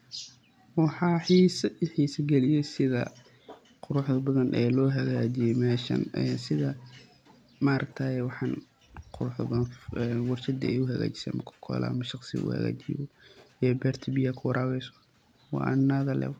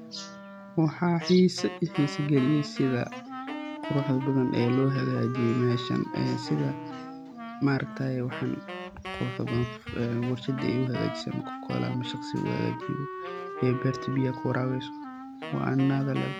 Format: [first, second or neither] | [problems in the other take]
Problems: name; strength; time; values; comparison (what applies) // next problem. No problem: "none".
first | background sound (Wind instrument, woodwind instrument + Wind instrument, woodwind instrument); 9 dB below the speech